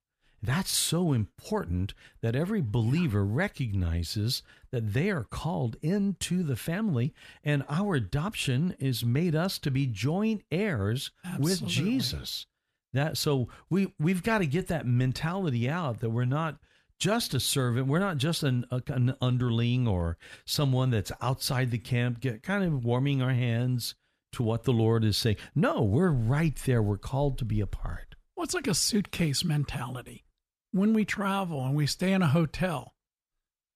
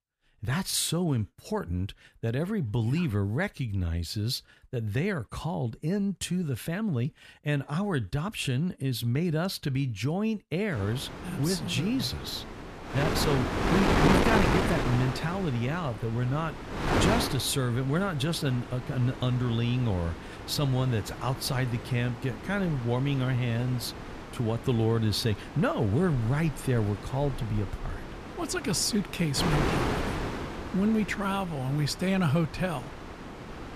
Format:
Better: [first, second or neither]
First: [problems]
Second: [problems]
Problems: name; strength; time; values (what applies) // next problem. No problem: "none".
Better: first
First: none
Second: wind noise on the microphone; heavy; from 11 s on; 2 dB below the speech